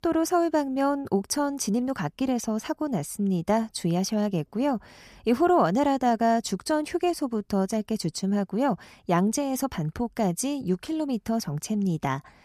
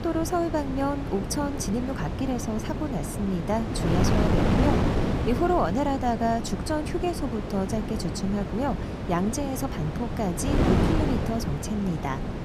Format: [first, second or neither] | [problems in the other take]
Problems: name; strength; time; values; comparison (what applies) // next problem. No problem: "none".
first | wind noise on the microphone; heavy; 3 dB below the speech